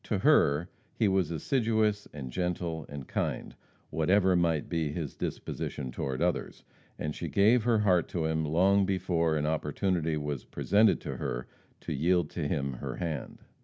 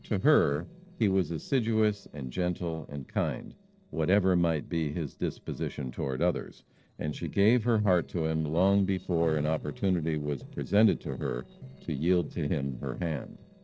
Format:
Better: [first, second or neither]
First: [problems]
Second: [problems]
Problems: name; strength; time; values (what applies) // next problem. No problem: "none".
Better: first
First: none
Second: noise reduction (neural separator model SepFormer DNS4)